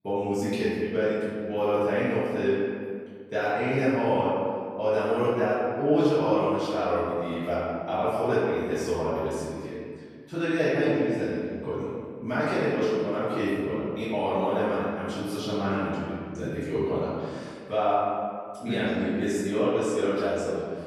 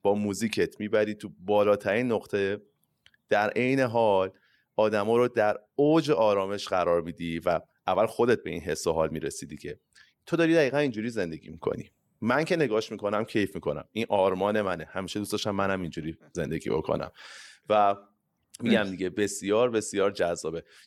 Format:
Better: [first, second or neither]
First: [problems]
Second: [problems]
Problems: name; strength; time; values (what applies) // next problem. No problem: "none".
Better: second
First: off-mic speech; far // room echo; strong; dies away in 2 s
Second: none